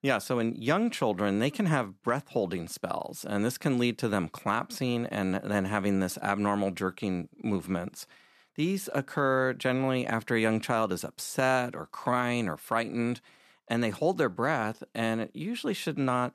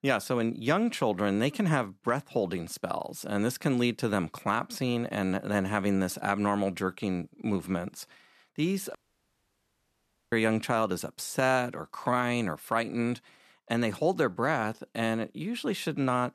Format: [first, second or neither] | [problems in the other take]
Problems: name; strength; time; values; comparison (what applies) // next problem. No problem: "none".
first | audio cutting out; at 9 s for 1.5 s